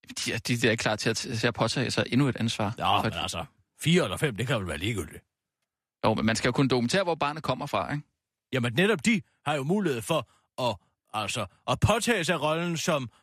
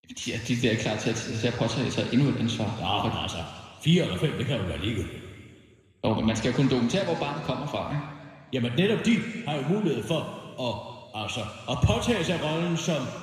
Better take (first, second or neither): first